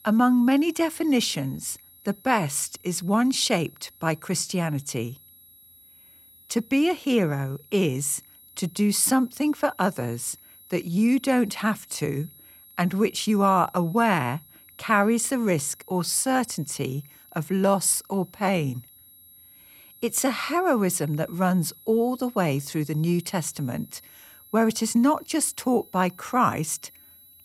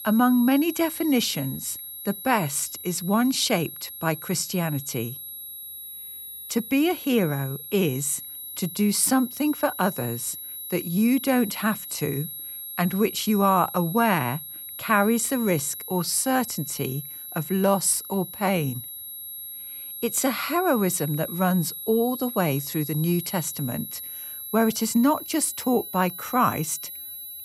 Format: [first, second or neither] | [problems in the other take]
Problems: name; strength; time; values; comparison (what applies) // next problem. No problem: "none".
first | high-pitched whine; loud; throughout; 11.5 kHz, 10 dB below the speech; faint in the first